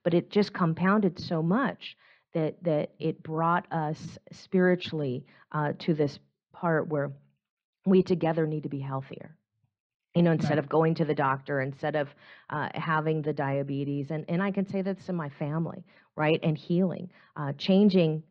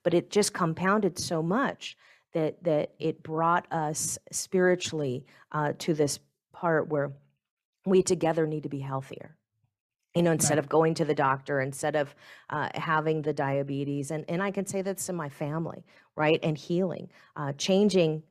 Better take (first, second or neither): second